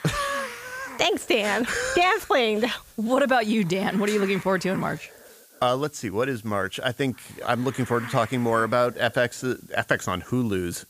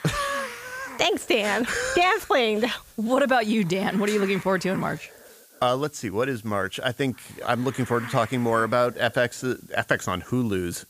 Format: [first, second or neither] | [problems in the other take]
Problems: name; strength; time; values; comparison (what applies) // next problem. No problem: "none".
neither | hiss; noticeable; throughout; 20 dB below the speech; the same in both